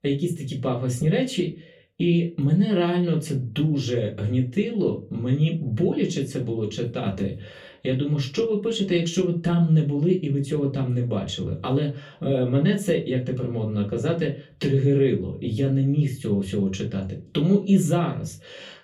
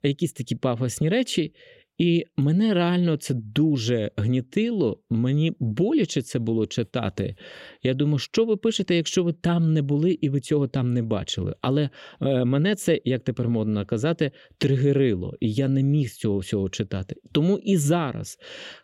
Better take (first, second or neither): second